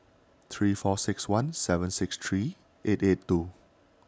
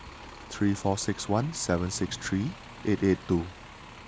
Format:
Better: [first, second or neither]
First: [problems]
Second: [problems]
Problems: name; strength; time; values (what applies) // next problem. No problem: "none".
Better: first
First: none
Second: background sound (Bus); 15 dB below the speech